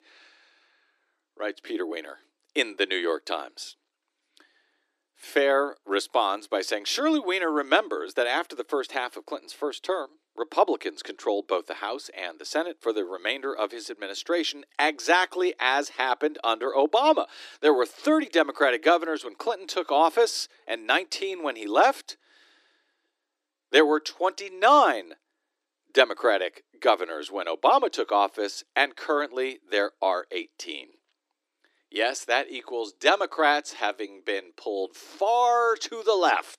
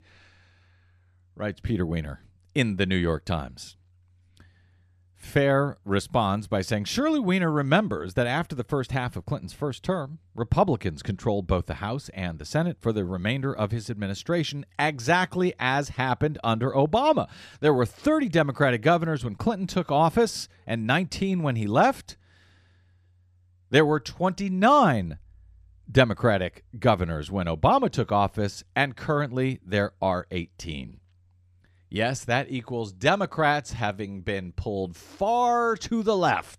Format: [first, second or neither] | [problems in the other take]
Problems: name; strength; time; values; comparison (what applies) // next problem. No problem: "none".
second | thin; very; fading below 300 Hz